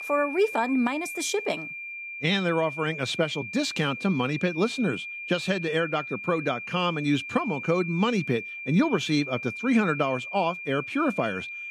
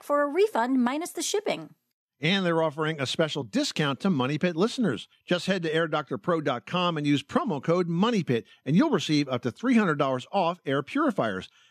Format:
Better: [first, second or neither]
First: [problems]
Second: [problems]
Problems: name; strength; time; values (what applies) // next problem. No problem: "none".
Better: second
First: high-pitched whine; loud; throughout; 2.5 kHz, 8 dB below the speech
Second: none